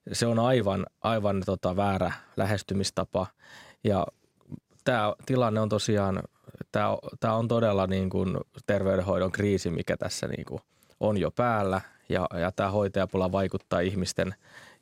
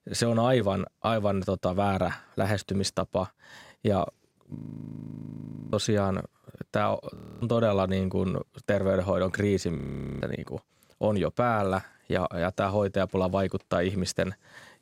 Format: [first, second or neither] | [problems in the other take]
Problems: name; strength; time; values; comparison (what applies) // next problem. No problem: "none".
first | audio freezing; at 4.5 s for 1 s, at 7 s and at 10 s